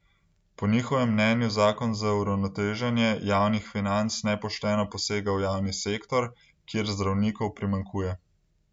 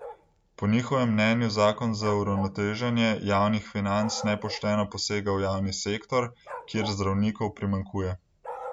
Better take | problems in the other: first | background sound (Bark); 17 dB below the speech

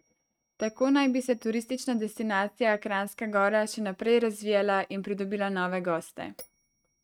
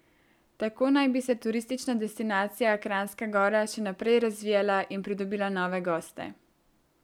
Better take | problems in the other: second | noise reduction (neural mask model RNNoise)

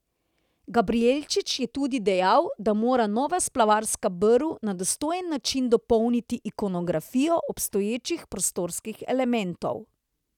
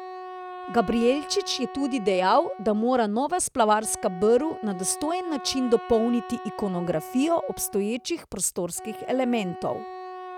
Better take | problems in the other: first | background sound (Wind instrument, woodwind instrument); 13 dB below the speech

